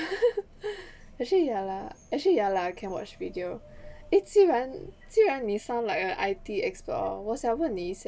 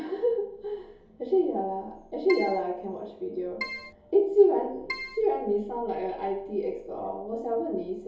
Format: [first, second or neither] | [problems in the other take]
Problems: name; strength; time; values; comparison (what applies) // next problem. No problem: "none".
first | background sound (Keyboard (musical)); 8 dB below the speech // room echo; dies away in 2.6 s